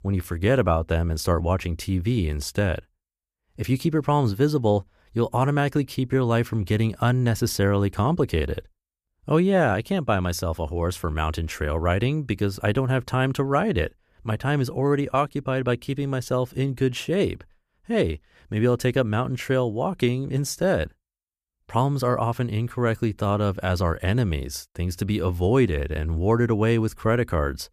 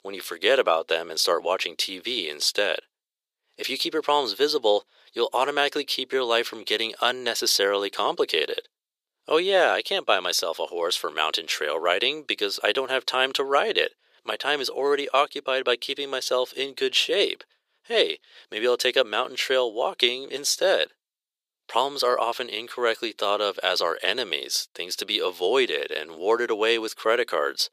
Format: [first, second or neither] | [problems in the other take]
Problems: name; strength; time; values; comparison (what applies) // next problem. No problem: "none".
first | thin; very; fading below 400 Hz